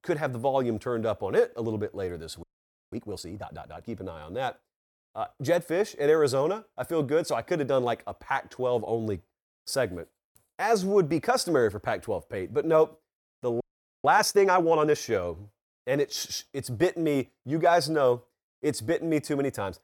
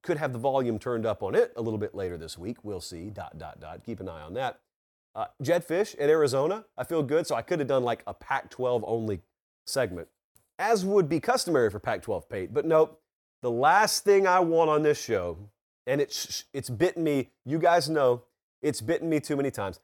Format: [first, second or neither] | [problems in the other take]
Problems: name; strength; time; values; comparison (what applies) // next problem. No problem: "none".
second | audio freezing; at 2.5 s and at 14 s